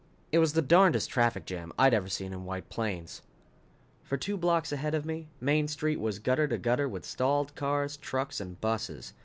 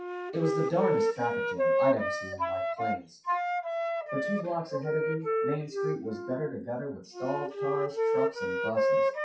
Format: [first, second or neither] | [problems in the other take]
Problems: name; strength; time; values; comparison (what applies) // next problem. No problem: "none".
first | noise reduction (classical method WPE with log-MMSE)